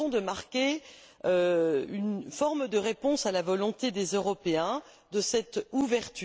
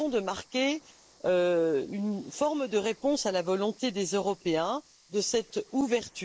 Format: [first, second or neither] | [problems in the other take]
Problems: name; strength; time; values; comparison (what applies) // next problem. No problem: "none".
first | noise reduction (neural mask model Resemble Enhance denoiser)